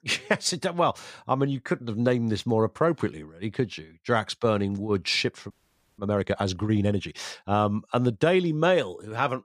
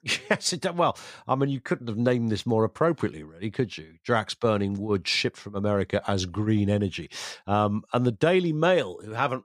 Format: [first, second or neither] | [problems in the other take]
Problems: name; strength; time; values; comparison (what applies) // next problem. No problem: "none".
second | audio freezing; at 5.5 s